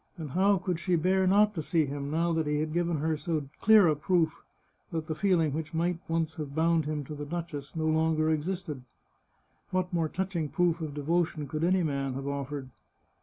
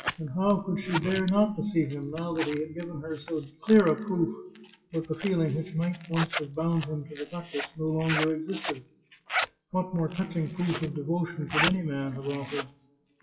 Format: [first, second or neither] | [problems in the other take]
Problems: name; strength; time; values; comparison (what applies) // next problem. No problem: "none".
first | noise reduction (classical method WPE with log-MMSE)